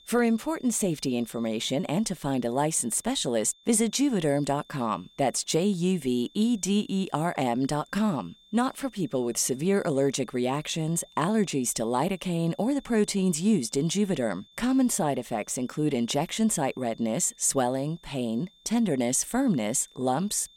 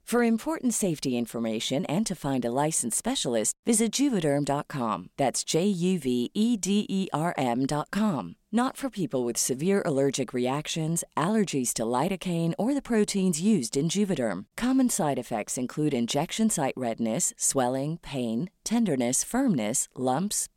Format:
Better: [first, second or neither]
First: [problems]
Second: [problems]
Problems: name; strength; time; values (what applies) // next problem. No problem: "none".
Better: second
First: high-pitched whine; faint; throughout; 3.5 kHz, 30 dB below the speech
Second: none